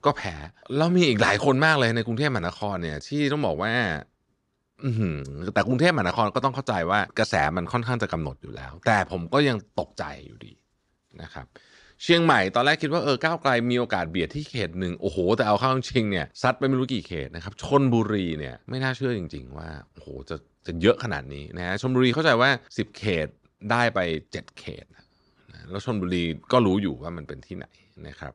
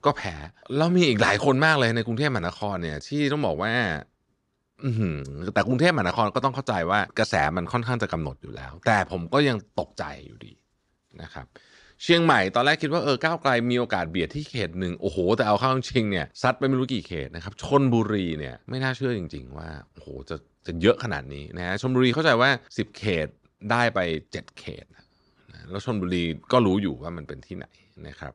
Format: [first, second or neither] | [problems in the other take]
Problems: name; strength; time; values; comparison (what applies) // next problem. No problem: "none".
neither | none